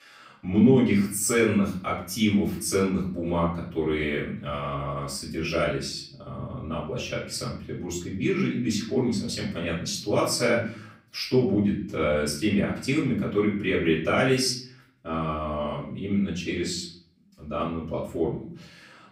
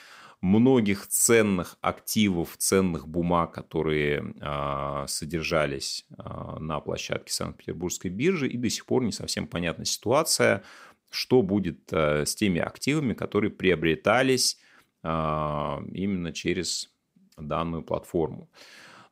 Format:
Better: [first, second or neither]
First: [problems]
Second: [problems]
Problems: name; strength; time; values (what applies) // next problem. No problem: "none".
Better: second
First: room echo; slight; dies away in 0.6 s // off-mic speech; far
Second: none